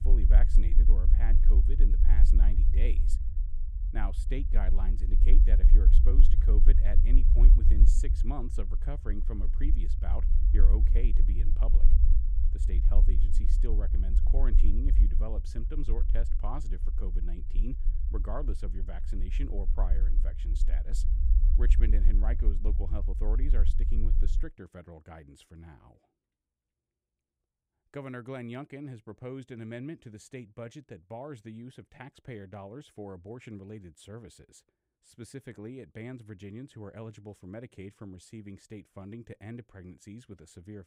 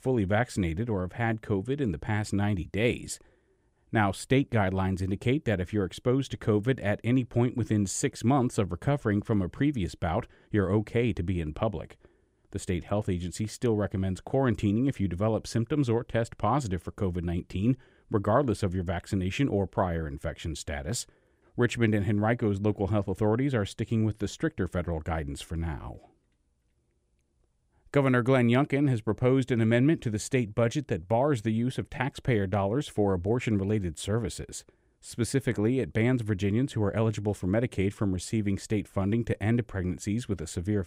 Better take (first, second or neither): second